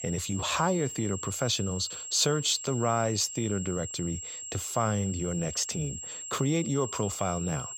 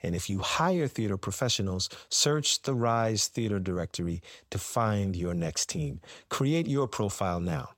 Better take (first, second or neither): second